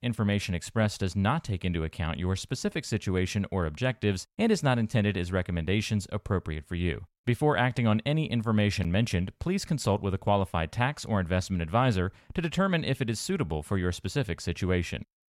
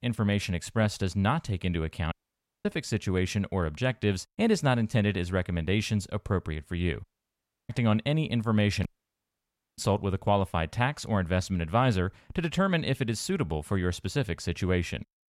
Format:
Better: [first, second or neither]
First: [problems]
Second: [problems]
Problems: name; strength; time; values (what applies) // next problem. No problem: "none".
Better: first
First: none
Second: audio cutting out; at 2 s for 0.5 s, at 7 s for 0.5 s and at 9 s for 1 s